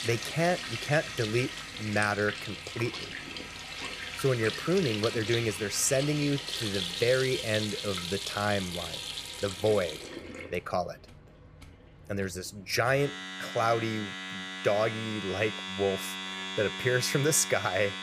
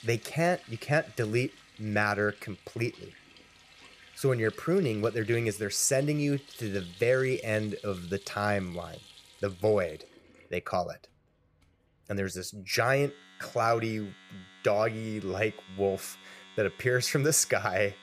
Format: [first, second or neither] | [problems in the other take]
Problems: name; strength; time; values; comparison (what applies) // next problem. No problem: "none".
second | household noises; loud; throughout; 6 dB below the speech; faint in the second